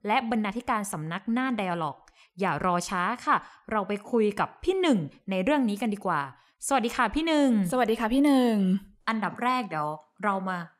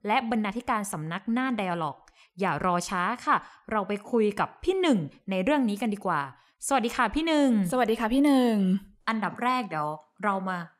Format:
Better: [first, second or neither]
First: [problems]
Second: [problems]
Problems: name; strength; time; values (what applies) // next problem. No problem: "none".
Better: neither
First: none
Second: none